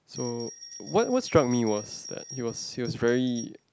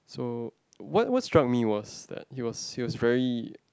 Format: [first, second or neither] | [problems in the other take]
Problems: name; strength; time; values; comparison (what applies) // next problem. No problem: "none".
second | background sound (Bell); 16 dB below the speech